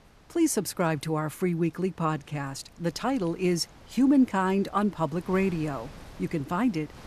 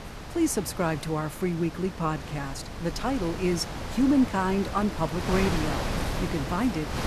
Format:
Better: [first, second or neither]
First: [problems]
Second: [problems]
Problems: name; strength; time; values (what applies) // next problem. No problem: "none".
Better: first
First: wind noise on the microphone; occasional gusts; 20 dB below the speech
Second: wind noise on the microphone; heavy; 5 dB below the speech